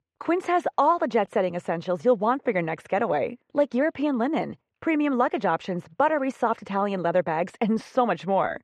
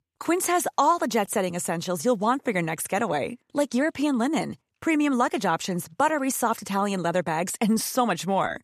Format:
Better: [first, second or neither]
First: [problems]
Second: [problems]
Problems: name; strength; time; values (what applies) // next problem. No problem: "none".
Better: second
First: muffled; very; fading above 2.5 kHz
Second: none